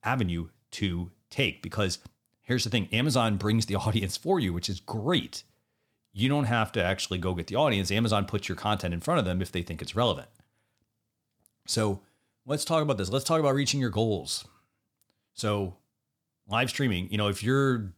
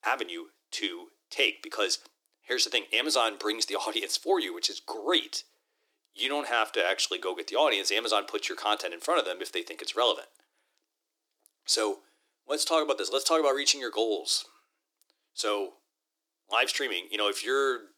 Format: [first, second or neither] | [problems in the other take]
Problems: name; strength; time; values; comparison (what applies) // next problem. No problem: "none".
first | thin; very; fading below 300 Hz